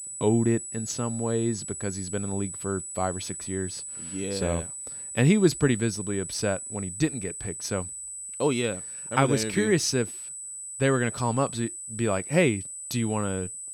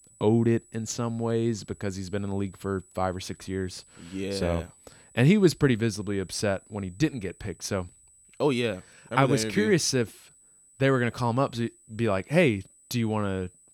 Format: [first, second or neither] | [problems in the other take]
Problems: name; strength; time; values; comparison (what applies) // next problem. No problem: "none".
second | high-pitched whine; loud; throughout; 8 kHz, 7 dB below the speech; faint in the second